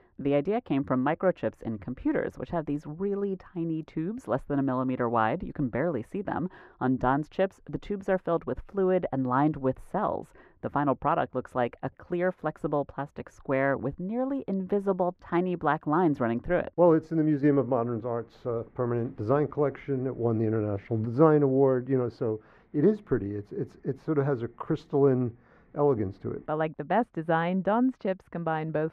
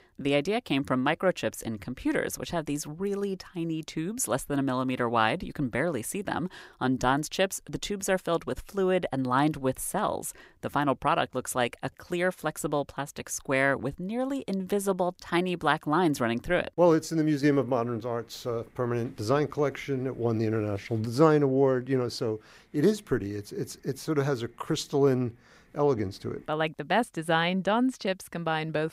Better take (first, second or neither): second